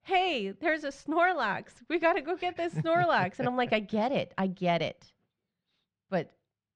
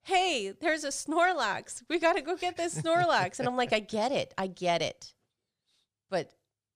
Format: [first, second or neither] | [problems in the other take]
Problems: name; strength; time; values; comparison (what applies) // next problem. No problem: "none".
second | muffled; slightly; fading above 2.5 kHz